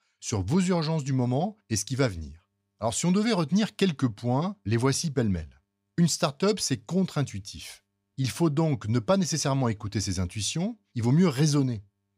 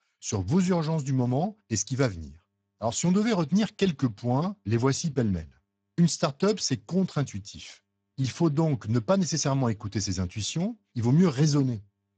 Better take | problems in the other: first | garbled, watery; badly; nothing above 7.5 kHz

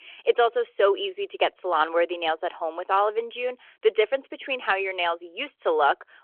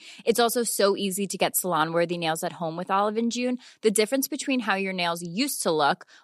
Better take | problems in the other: second | phone-call audio

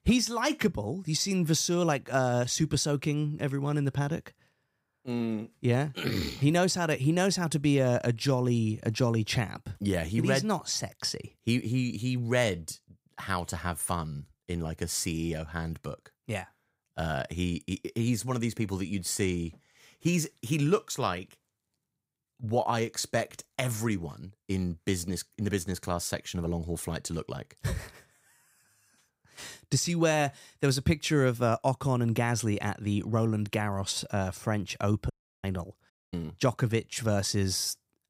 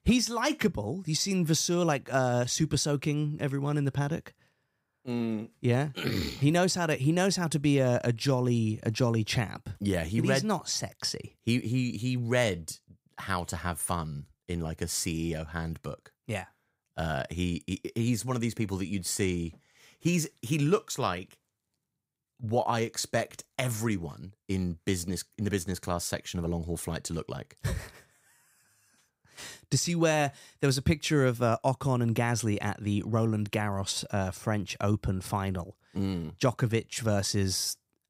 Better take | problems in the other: second | audio cutting out; at 35 s and at 36 s

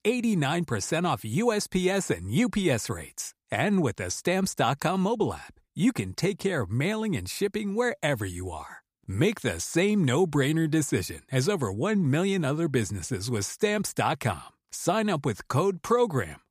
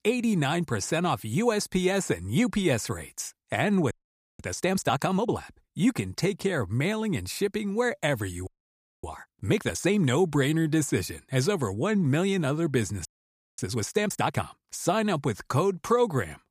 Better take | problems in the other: first | audio freezing; at 4 s, at 8.5 s for 0.5 s and at 13 s for 0.5 s

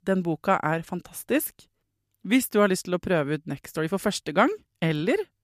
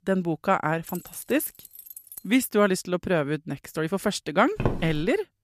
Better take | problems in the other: first | jangling keys; faint; from 1 to 2.5 s; peak 15 dB below the speech // footsteps; noticeable; at 4.5 s; peak 3 dB below the speech

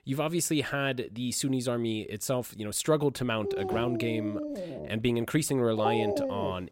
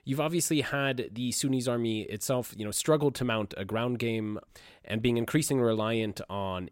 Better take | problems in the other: second | dog barking; loud; from 3.5 s on; peak 1 dB above the speech

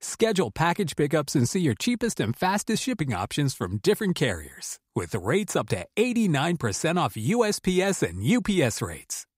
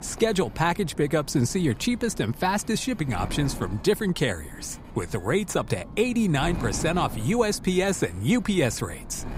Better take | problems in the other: first | wind noise on the microphone; occasional gusts; 15 dB below the speech

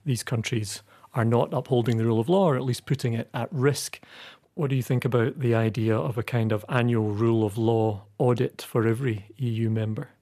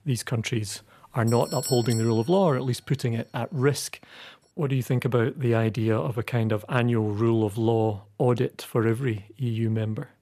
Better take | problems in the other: first | doorbell; noticeable; at 1.5 s; peak 6 dB below the speech

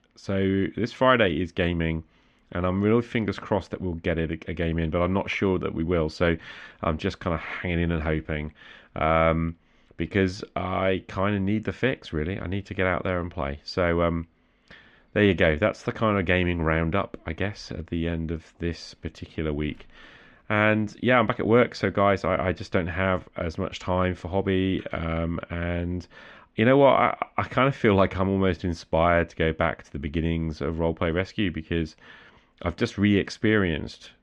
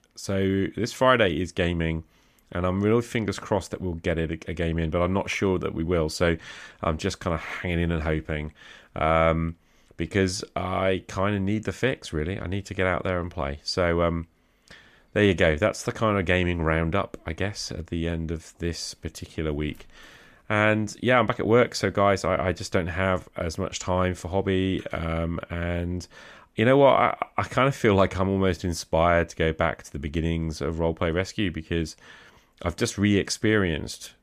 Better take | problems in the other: second | muffled; slightly; fading above 3 kHz

